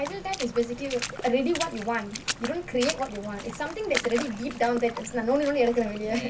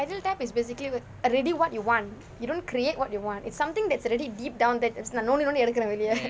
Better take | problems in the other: second | background sound (Water / Splash, splatter); 10 dB below the speech // room echo; dies away in 0.2 s

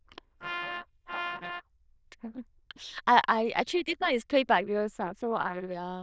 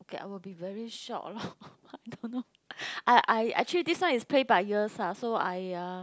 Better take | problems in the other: second | noise reduction (neural diffusion model UNIVERSE++)

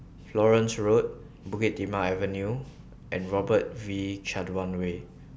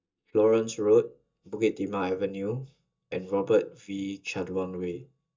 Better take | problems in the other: first | noise reduction (neural mask model DeepFilterNet 3)

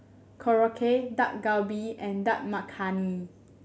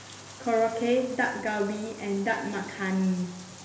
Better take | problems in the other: first | background sound (Bathtub (filling or washing)); 18 dB below the speech // room echo; dies away in 1.4 s

